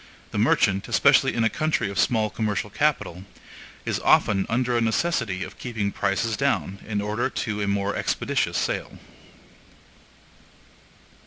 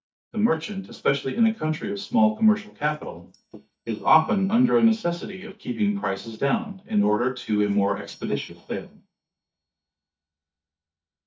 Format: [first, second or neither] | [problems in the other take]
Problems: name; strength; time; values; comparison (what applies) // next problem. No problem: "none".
first | noise reduction (neural mask model DeepFilterNet 3)